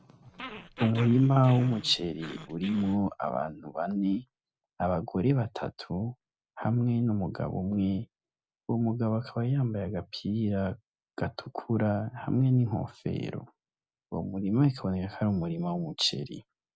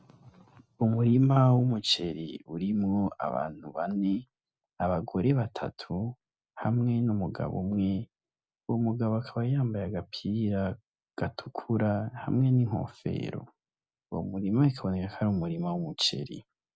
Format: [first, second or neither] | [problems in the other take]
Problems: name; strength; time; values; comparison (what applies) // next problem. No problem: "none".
second | background sound (Growling); 14 dB below the speech